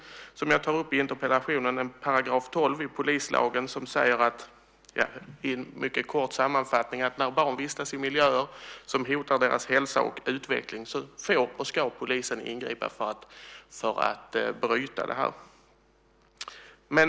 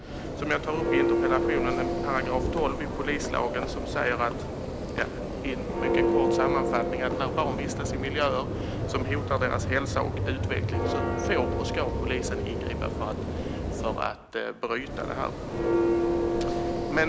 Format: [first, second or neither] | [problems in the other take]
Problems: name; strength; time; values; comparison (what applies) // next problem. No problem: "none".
first | background sound (Church bell); 3 dB above the speech